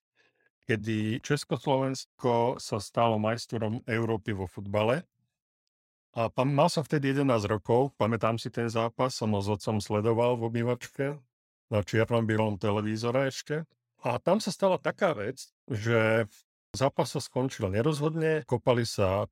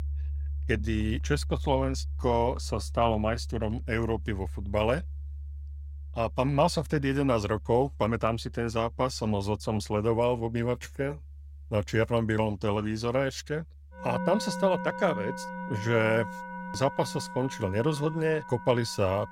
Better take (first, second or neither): first